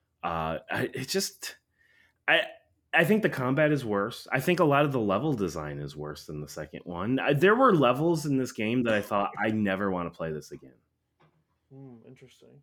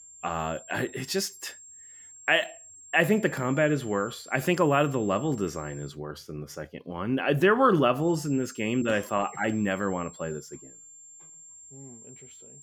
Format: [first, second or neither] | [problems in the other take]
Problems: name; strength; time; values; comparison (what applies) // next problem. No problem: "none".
first | high-pitched whine; noticeable; until 6 s and from 8 s on; 7.5 kHz, 20 dB below the speech